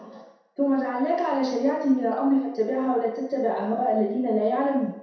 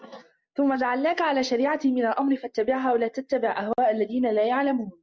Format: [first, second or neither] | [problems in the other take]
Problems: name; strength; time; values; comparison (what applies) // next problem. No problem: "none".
second | room echo; dies away in 0.7 s